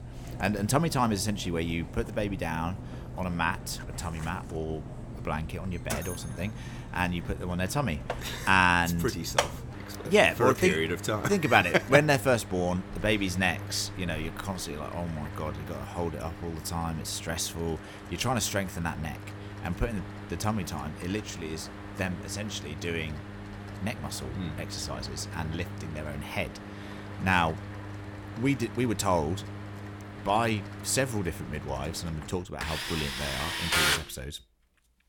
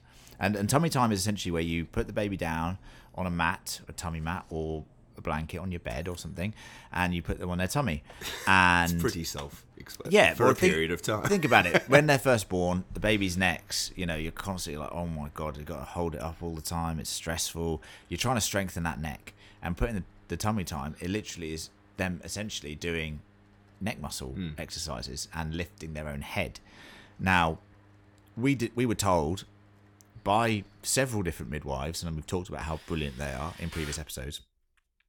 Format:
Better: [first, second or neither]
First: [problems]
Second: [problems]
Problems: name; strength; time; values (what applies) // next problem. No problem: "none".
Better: second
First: machinery noise; loud; throughout; 8 dB below the speech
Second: machinery noise; faint; throughout; 25 dB below the speech